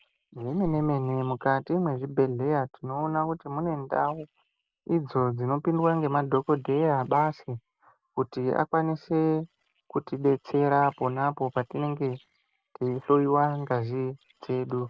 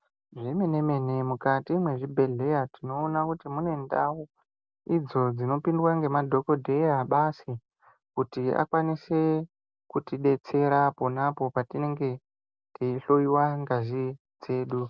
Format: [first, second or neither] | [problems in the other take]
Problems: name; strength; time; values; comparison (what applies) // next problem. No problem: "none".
second | noise reduction (neural separator model SepFormer DNS4)